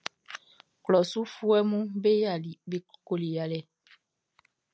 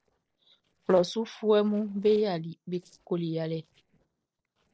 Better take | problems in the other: first | noise reduction (neural separator model SepFormer DNS4)

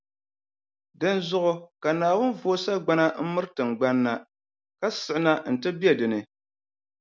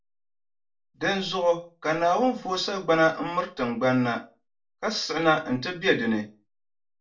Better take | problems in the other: first | room echo; dies away in 0.2 s

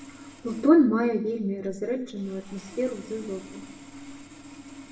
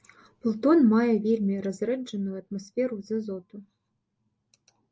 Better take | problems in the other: second | background sound (Sawing); 18 dB below the speech // room echo; dies away in 0.7 s

